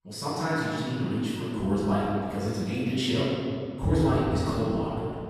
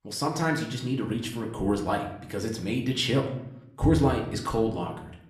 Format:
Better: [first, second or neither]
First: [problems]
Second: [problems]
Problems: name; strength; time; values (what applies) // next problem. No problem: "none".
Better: second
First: room echo; strong; dies away in 2.3 s // off-mic speech; far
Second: room echo; slight; dies away in 0.6 s // off-mic speech; somewhat distant